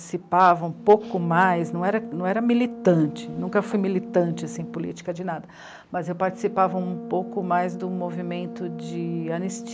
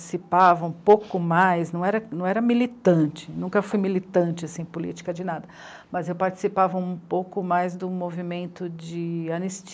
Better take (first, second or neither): second